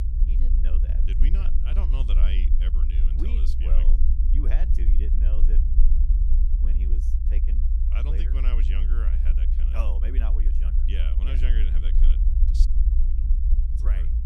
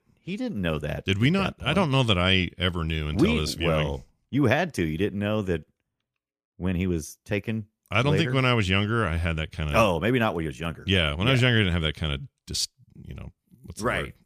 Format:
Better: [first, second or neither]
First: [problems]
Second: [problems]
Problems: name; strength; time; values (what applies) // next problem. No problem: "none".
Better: second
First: low rumble; loud; throughout; 3 dB below the speech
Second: none